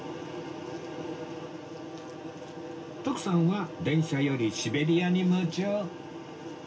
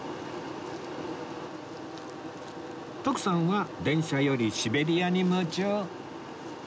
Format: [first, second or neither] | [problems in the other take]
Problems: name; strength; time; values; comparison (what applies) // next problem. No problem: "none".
second | room echo; dies away in 0.2 s